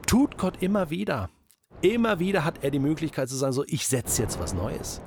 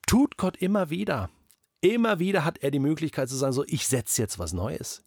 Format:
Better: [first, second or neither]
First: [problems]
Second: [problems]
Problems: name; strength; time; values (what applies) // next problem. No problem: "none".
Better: second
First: wind noise on the microphone; occasional gusts; at the start, from 1.5 to 3 s and from 4 s on; 15 dB below the speech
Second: none